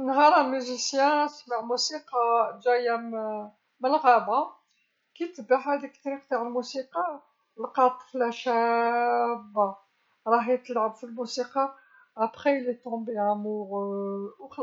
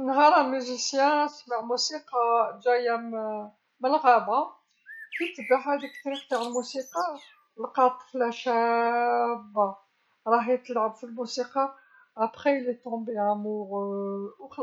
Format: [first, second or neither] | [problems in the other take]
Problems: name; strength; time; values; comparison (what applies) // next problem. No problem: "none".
first | background sound (Bird); 15 dB below the speech